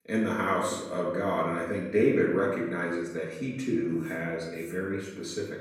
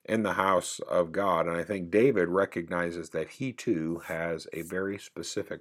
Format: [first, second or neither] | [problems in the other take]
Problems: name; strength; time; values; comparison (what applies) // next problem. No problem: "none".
second | off-mic speech; far // room echo; noticeable; dies away in 1 s